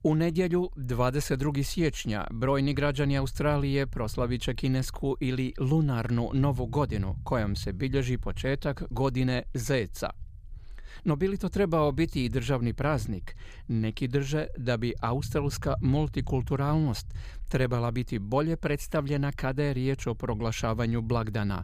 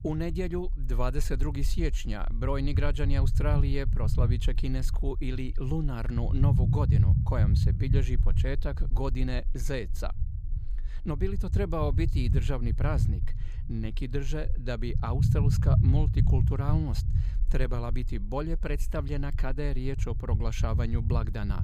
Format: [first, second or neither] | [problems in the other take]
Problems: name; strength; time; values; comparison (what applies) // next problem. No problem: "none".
first | low rumble; loud; throughout; 6 dB below the speech; faint in the first